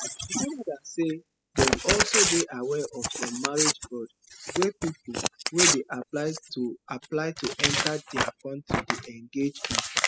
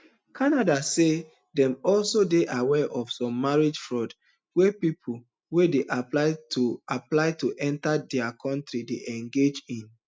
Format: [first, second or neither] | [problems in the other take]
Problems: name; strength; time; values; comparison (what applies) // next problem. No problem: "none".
second | noise reduction (classical method spectral subtraction)